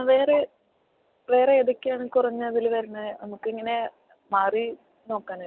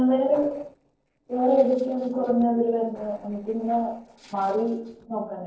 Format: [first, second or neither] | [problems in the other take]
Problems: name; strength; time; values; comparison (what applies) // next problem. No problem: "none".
first | noise reduction (neural separator model SepFormer DNS4)